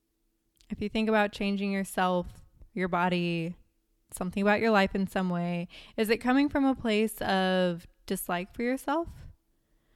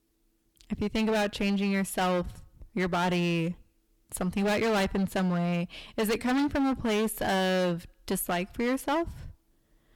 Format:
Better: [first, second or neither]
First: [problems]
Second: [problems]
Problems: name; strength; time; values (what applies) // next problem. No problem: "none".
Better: first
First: none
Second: distortion; heavy; 18% of the sound clipped